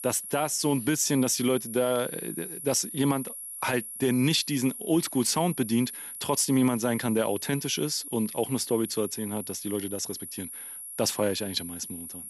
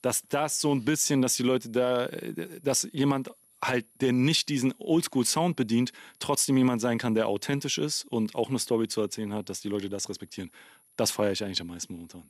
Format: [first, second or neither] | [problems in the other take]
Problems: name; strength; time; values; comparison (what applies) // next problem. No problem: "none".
second | high-pitched whine; loud; throughout; 10 kHz, 9 dB below the speech; faint in the second